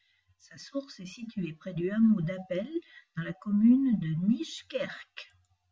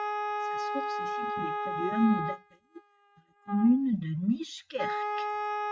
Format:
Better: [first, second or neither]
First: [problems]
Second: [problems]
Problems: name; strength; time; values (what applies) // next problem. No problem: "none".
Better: first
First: none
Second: noise reduction (neural mask model RNNoise)